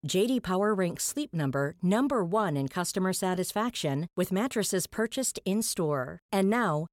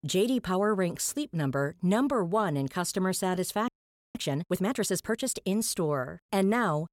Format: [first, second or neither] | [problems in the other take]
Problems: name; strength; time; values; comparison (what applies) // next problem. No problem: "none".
first | audio freezing; at 3.5 s